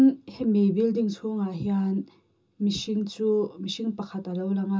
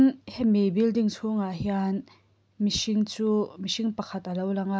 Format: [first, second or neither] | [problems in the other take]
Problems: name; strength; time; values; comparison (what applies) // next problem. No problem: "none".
second | room echo; dies away in 0.2 s